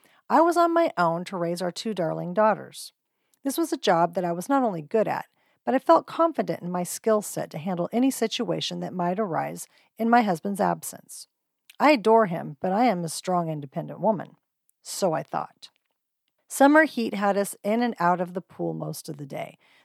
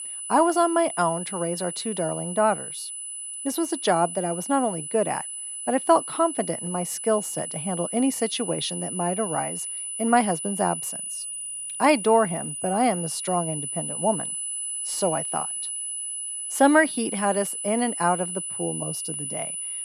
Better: first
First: none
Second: high-pitched whine; loud; throughout; 10 kHz, 5 dB below the speech

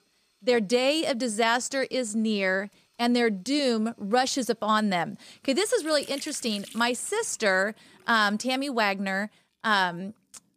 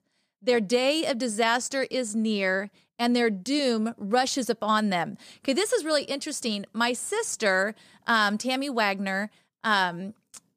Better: second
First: household noises; faint; throughout; 20 dB below the speech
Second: none

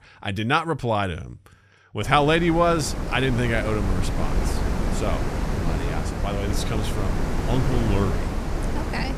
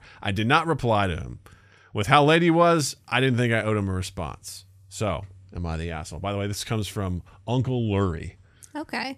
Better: second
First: wind noise on the microphone; heavy; from 2 s on; 7 dB below the speech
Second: none

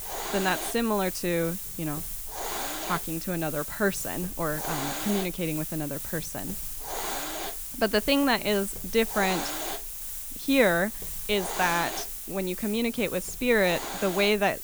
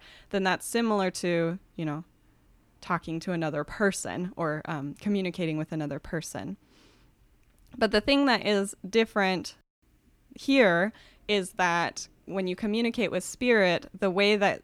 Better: second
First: hiss; loud; throughout; 5 dB below the speech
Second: none

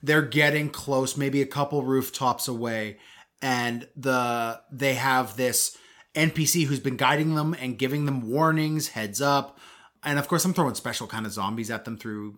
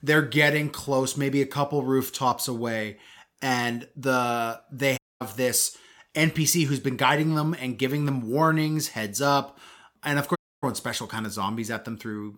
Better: first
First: none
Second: audio cutting out; at 5 s and at 10 s

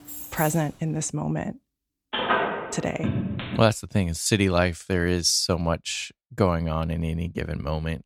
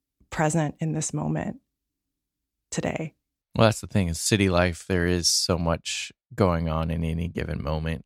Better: second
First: jangling keys; noticeable; at the start; peak 8 dB below the speech // phone ringing; loud; from 2 to 3.5 s; peak 2 dB above the speech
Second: none

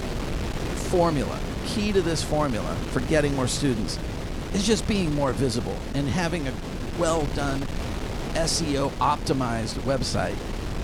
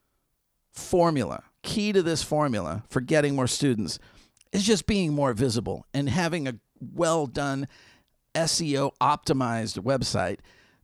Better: second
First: wind noise on the microphone; heavy; 8 dB below the speech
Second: none

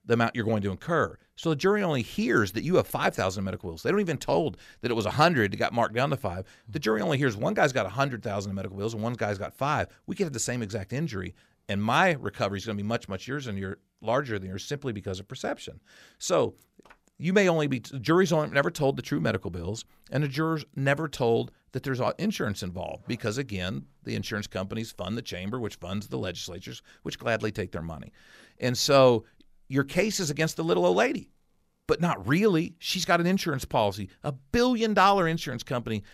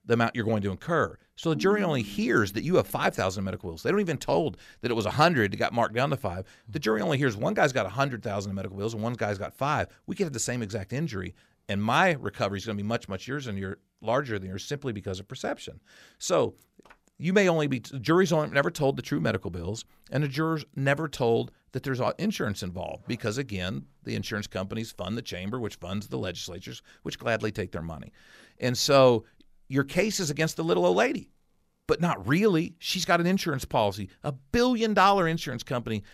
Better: first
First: none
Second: phone ringing; noticeable; from 1.5 to 2.5 s; peak 7 dB below the speech

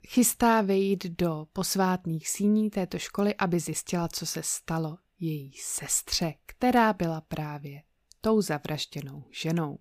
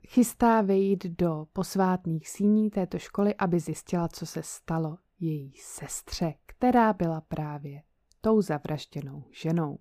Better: first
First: none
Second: muffled; slightly; fading above 1.5 kHz

